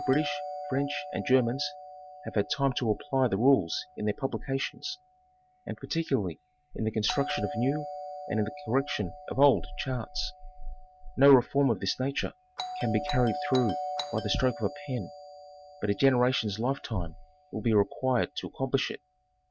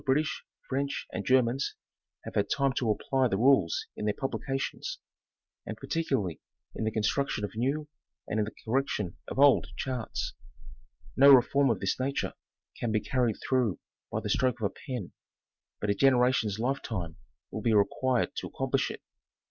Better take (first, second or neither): second